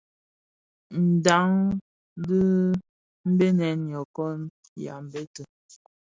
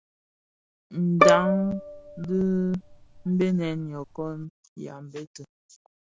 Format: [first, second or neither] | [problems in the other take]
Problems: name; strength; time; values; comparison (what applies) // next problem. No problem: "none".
first | background sound (Bowed string instrument); 1 dB above the speech